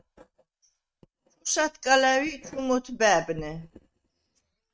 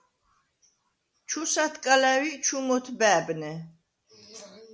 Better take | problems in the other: second | noise reduction (neural mask model RNNoise)

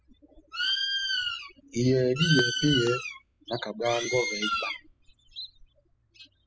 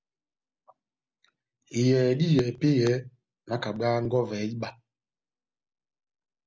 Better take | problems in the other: second | noise reduction (classical method spectral subtraction)

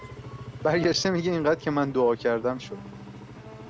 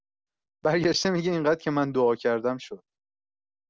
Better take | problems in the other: second | background sound (Engine); 14 dB below the speech

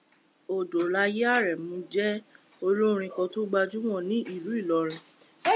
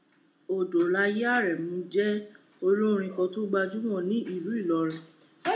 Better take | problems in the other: first | room echo; dies away in 0.3 s

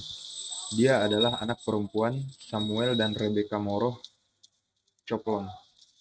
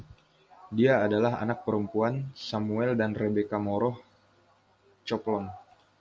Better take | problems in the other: second | noise reduction (neural mask model RNNoise)

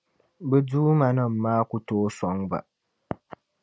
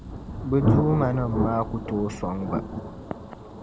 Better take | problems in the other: first | background sound (Thunder); 1 dB below the speech

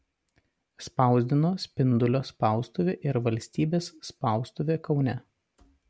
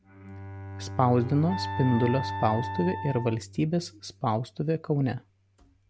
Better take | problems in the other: first | background sound (Wind instrument, woodwind instrument + Bowed string instrument); 9 dB below the speech

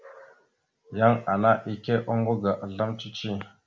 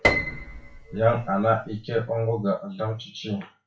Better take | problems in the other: first | noise reduction (classical method WPE with log-MMSE)

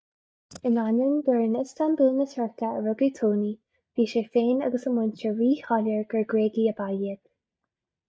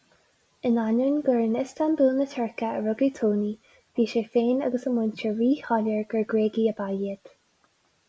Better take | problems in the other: second | noise reduction (neural mask model DeepFilterNet 3)

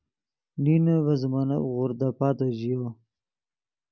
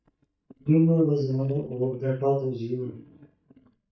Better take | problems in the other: first | noise reduction (neural mask model DeepFilterNet 3)

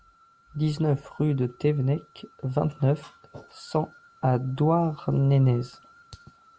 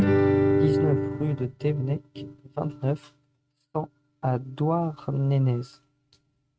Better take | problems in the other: first | noise reduction (neural mask model RNNoise)

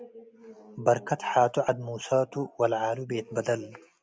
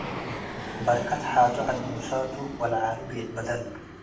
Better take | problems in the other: first | background sound (Fixed-wing aircraft, airplane); 8 dB below the speech // room echo; dies away in 0.4 s

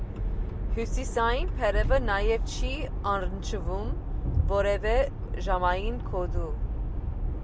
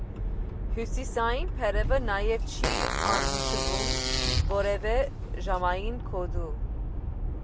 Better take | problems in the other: first | background sound (Fart); 4 dB below the speech

